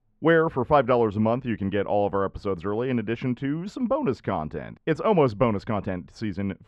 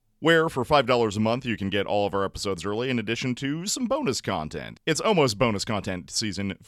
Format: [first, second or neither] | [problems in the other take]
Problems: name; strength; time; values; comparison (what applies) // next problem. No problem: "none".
second | muffled; very; fading above 3.5 kHz